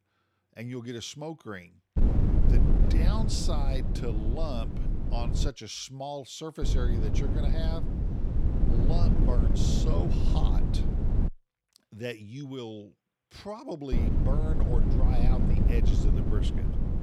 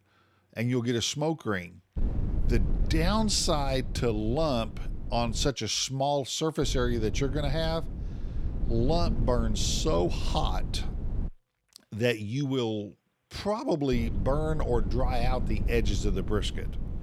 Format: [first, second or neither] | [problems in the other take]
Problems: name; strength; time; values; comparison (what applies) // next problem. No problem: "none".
second | wind noise on the microphone; heavy; from 2 to 5.5 s, from 6.5 to 11 s and from 14 s on; 1 dB below the speech; occasional gusts in the second